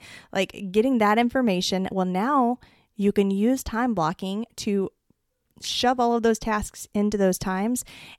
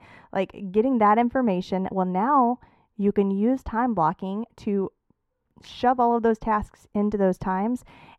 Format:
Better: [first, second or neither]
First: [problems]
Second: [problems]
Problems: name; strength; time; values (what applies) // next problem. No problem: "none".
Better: first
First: none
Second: muffled; very; fading above 3 kHz